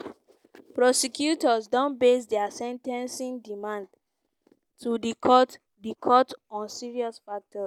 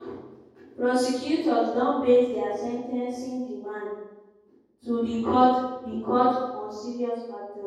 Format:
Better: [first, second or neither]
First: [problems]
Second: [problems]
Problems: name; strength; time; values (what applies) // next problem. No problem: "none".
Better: first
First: none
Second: room echo; dies away in 1.3 s